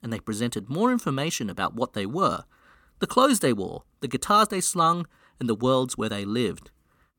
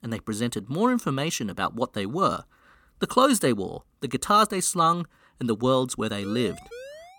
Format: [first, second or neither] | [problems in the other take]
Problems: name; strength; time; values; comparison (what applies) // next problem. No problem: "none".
first | siren; faint; at 6 s; peak 15 dB below the speech